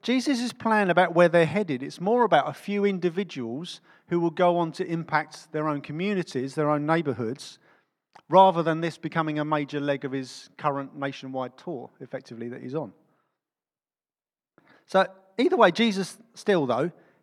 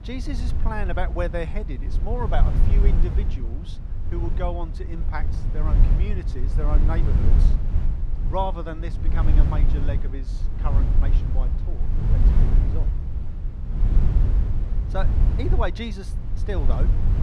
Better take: first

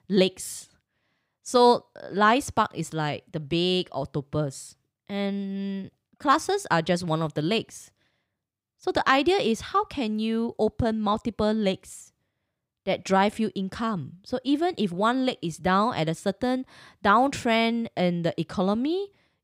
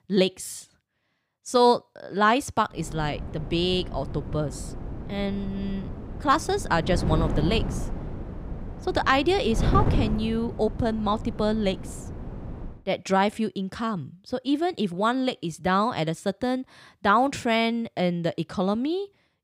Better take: first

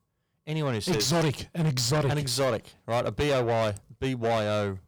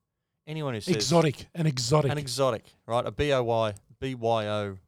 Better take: second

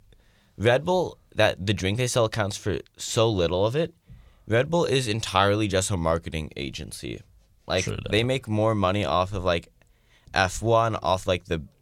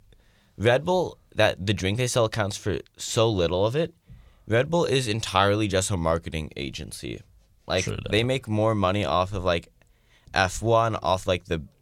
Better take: neither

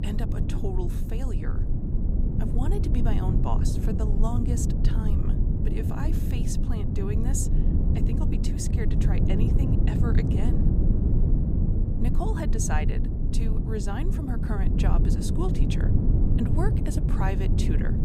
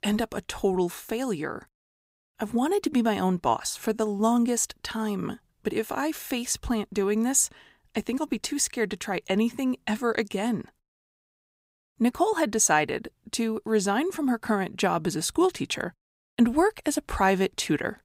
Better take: second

